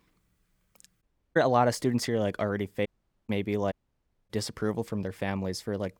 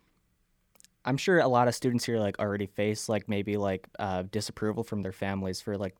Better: second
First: audio cutting out; at 1 s, at 3 s and at 3.5 s for 0.5 s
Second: none

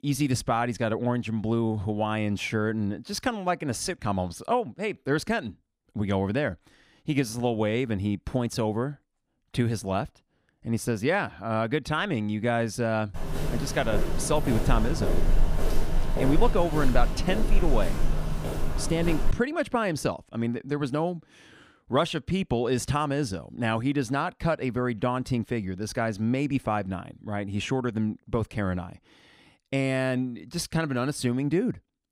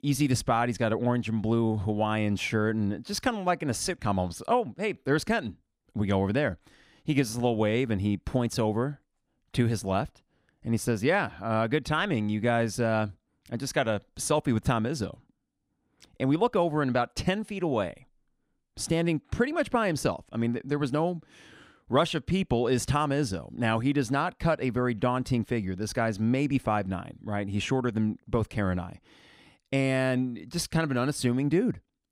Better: second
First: footsteps; loud; from 13 to 19 s; peak level with the speech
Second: none

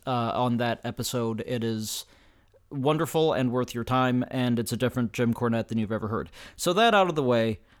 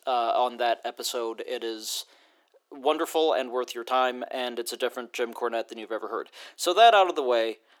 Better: first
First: none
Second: thin; very; fading below 350 Hz

